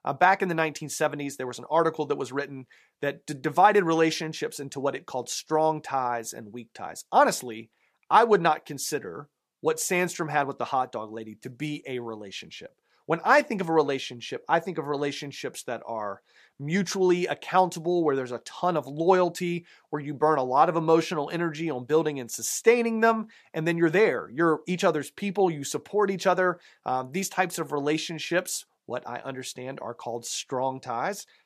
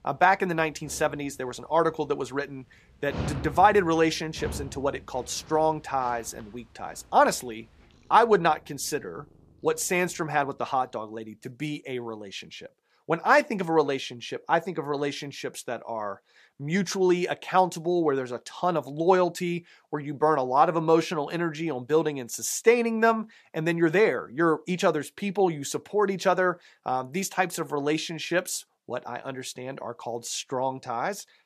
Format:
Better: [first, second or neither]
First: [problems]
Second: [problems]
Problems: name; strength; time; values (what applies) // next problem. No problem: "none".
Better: first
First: none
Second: animal sounds; noticeable; until 11 s; 15 dB below the speech